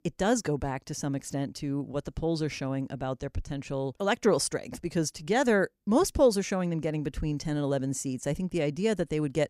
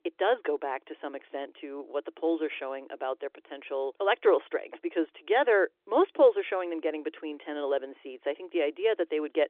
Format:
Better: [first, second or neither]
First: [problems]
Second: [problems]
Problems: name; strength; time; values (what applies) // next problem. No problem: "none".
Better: first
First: none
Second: phone-call audio; nothing above 3.5 kHz